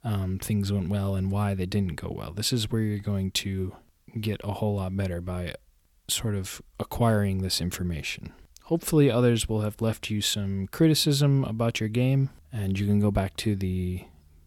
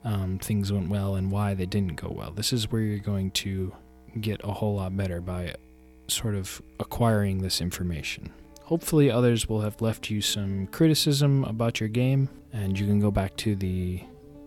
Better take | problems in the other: first | background music; faint; throughout; 25 dB below the speech

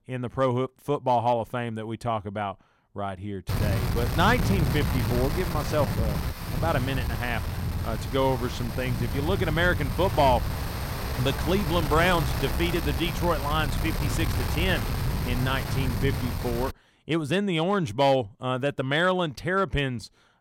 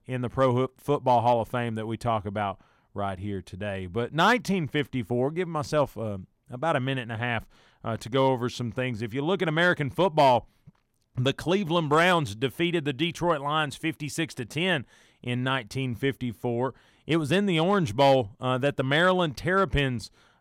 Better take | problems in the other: second | wind noise on the microphone; heavy; from 3.5 to 17 s; 8 dB below the speech

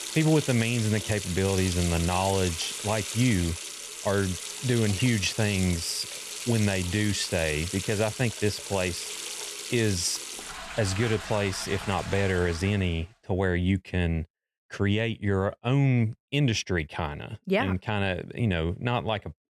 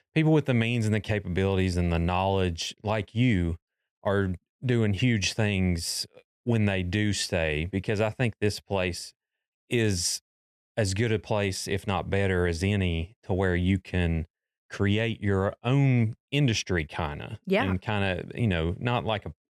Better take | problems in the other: second | household noises; loud; until 13 s; 7 dB below the speech

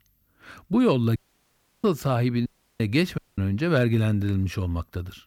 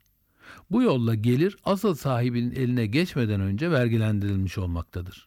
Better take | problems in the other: second | audio cutting out; at 1 s for 0.5 s, at 2.5 s and at 3 s

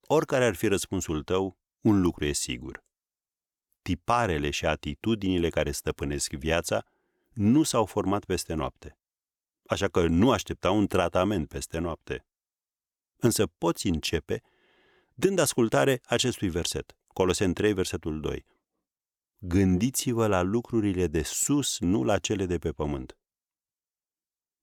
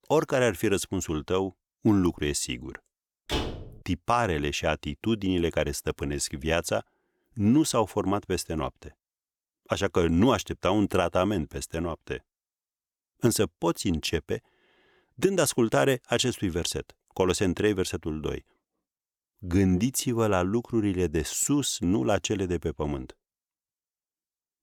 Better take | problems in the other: first | door banging; noticeable; at 3.5 s; peak 4 dB below the speech

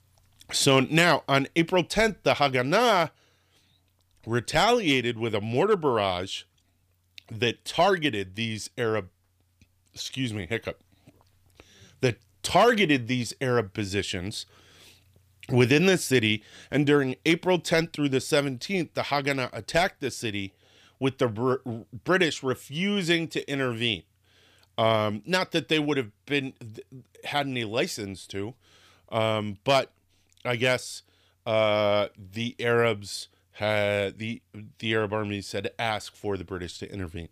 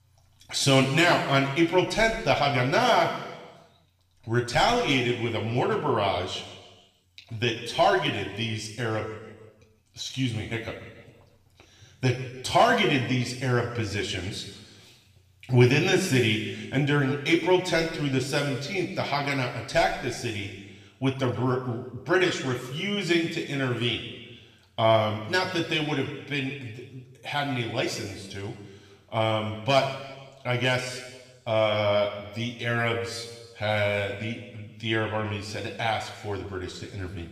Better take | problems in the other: first | room echo; noticeable; dies away in 1.2 s // off-mic speech; somewhat distant

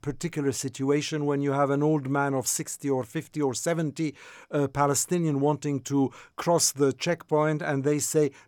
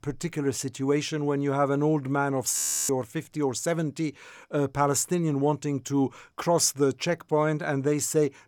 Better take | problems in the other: first | audio freezing; at 2.5 s

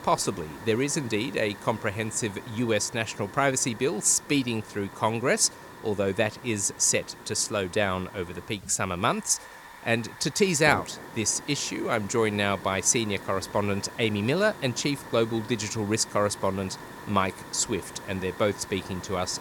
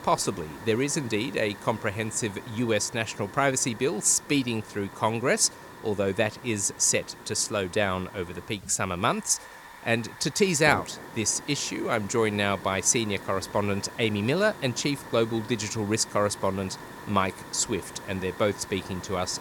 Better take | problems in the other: neither | hiss; noticeable; throughout; 15 dB below the speech; the same in both

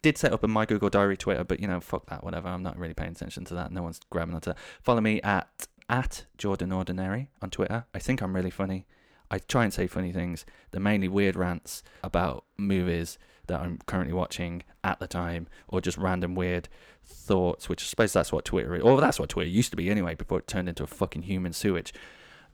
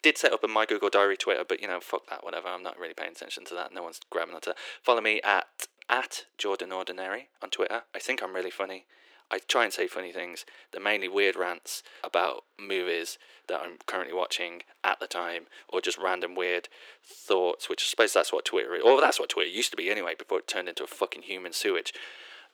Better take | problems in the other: first | thin; very; fading below 350 Hz

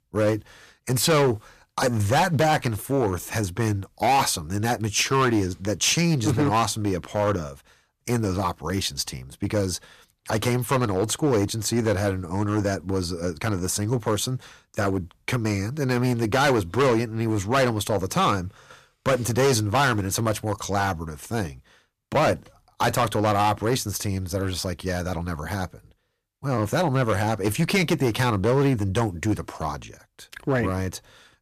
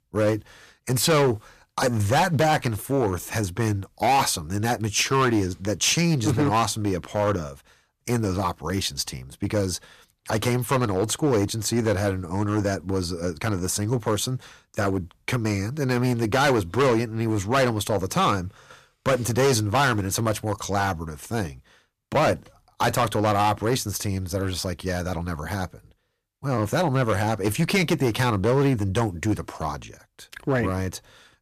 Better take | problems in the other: neither | distortion; heavy; 7% of the sound clipped; the same in both

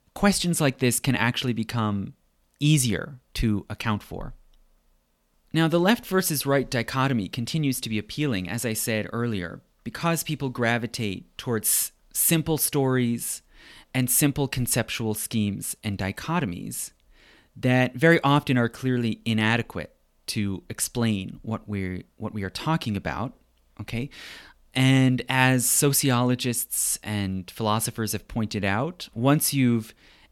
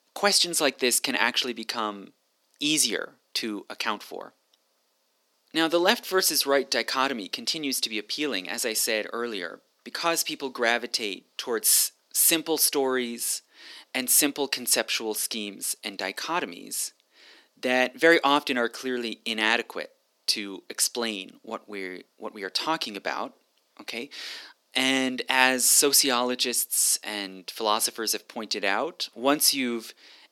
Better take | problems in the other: first | thin; somewhat; fading below 300 Hz

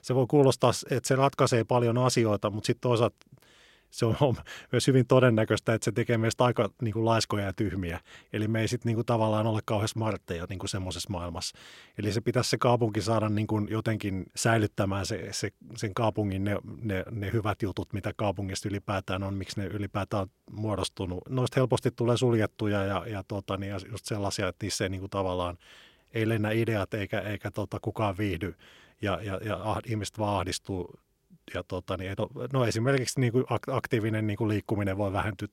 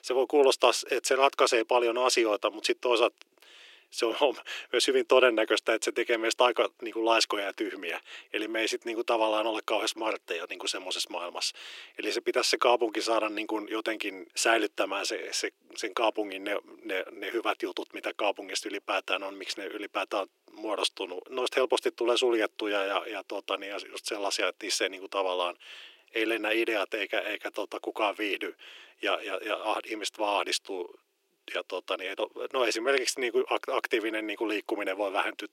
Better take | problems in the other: first | thin; very; fading below 350 Hz

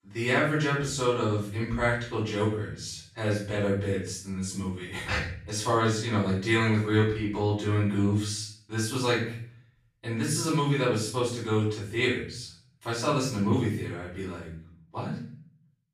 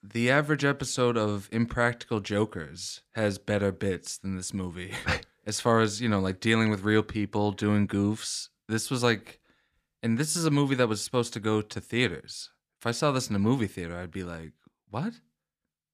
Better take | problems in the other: second | off-mic speech; far // room echo; noticeable; dies away in 0.5 s

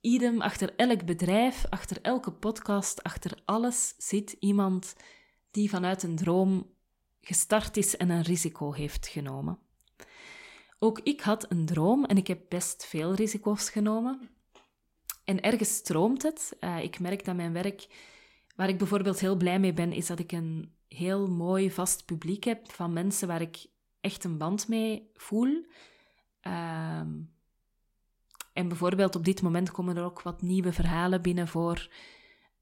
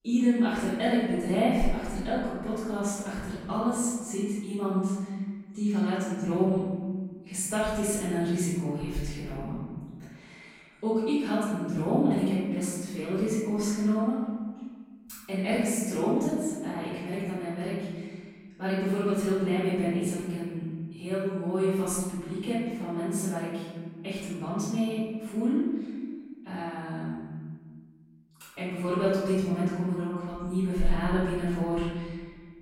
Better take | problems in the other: first | off-mic speech; far // room echo; strong; dies away in 1.6 s

